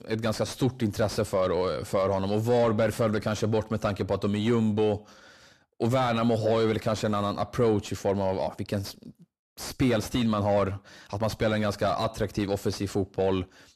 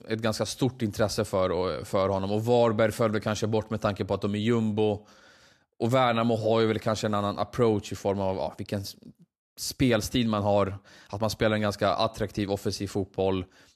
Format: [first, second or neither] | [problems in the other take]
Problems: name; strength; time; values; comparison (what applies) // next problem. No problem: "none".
second | distortion; slight; 10 dB below the speech